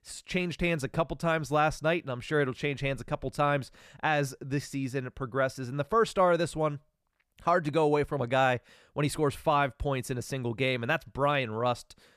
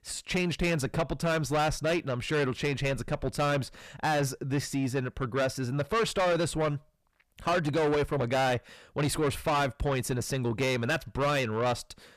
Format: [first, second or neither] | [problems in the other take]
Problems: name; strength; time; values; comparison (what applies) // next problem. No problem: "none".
first | distortion; heavy; 7 dB below the speech